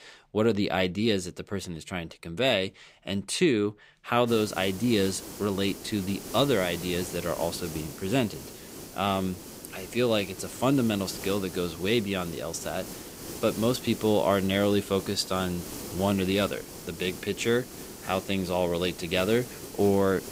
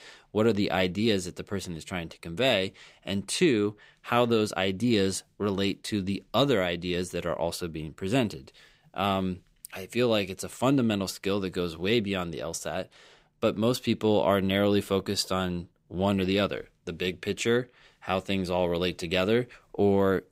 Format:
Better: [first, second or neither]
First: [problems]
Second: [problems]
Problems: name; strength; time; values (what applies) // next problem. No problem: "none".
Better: second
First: hiss; noticeable; from 4.5 s on; 10 dB below the speech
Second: none